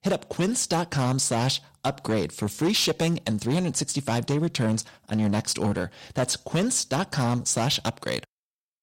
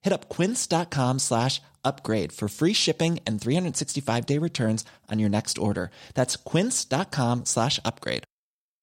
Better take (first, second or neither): second